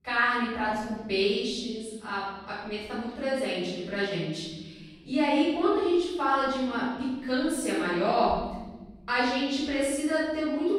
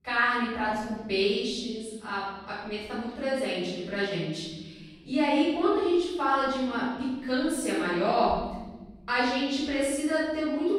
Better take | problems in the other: neither | off-mic speech; far; the same in both // room echo; strong; dies away in 1.2 s; the same in both

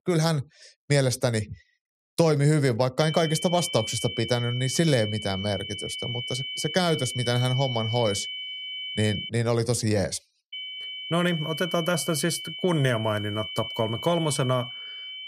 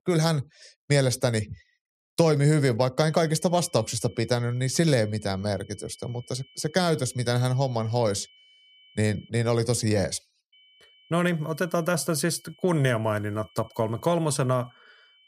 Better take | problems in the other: second | high-pitched whine; loud; from 3 to 9.5 s and from 11 s on; 3 kHz, 7 dB below the speech; faint in the second

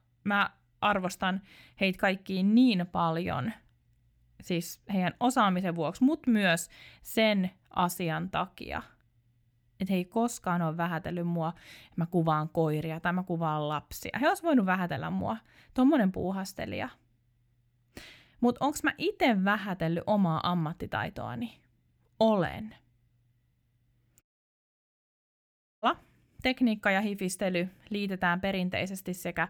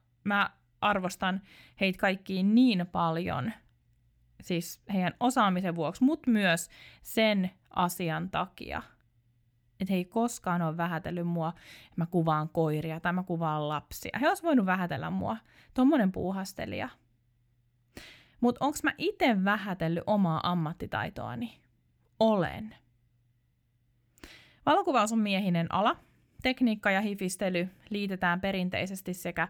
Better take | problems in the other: second | audio cutting out; at 24 s for 1.5 s

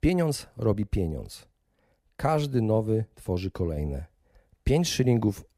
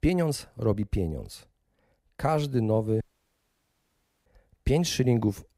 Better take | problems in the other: first | audio cutting out; at 3 s for 1.5 s

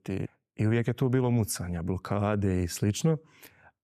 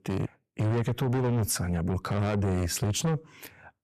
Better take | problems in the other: first | distortion; heavy; 6 dB below the speech

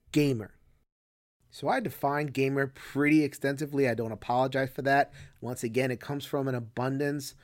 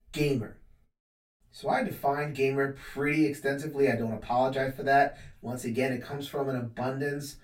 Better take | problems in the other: first | off-mic speech; far // room echo; very slight; dies away in 0.2 s

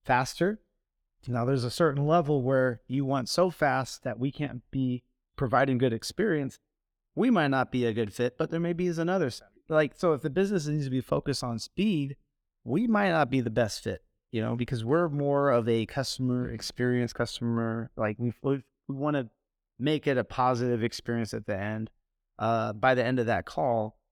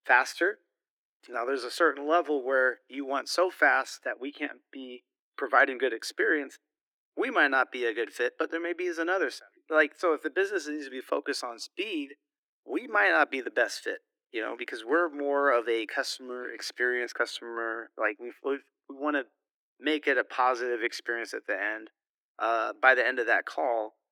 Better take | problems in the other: first | thin; very; fading below 300 Hz

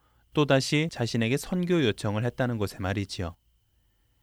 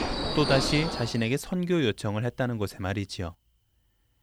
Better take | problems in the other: first | train or aircraft noise; loud; at the start; 2 dB below the speech

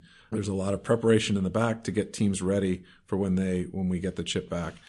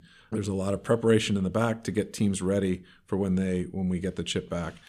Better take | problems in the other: second | garbled, watery; slightly

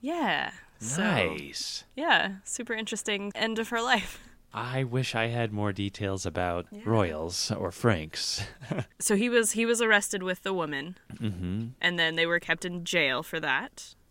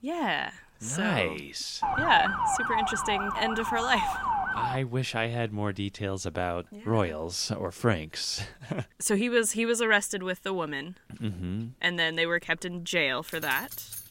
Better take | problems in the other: first | siren; loud; from 2 to 5 s; peak 4 dB above the speech // jangling keys; noticeable; at 13 s; peak 8 dB below the speech

